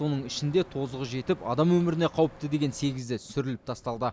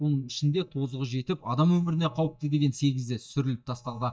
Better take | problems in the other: first | noise reduction (neural mask model DeepFilterNet 3)

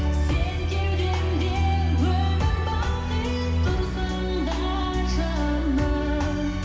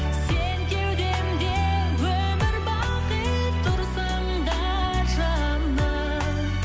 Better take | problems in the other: second | room echo; dies away in 2.1 s

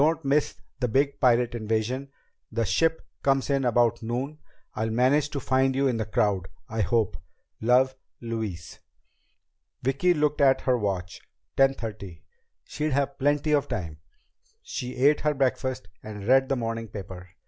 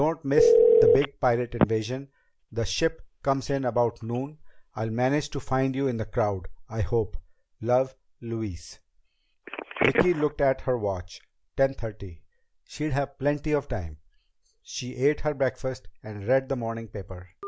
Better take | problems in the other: first | background sound (Telephone); 3 dB below the speech

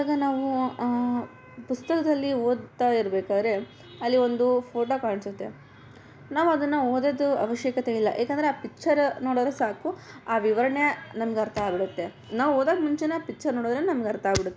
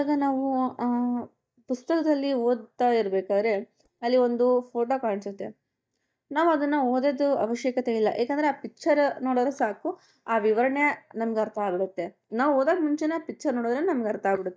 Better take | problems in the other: first | noise reduction (neural mask model DeepFilterNet 3)

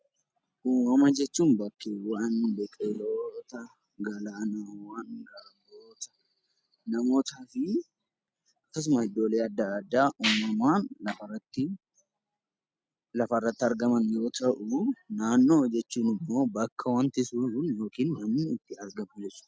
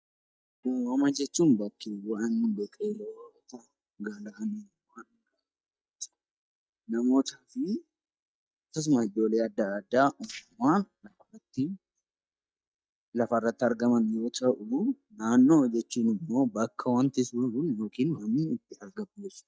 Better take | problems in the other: first | noise reduction (neural mask model DeepFilterNet 3)

